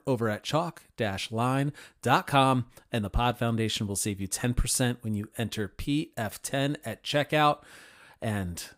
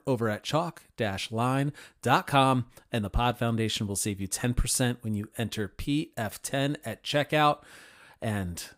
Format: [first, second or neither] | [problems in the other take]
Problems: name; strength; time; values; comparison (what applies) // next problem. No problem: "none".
neither | none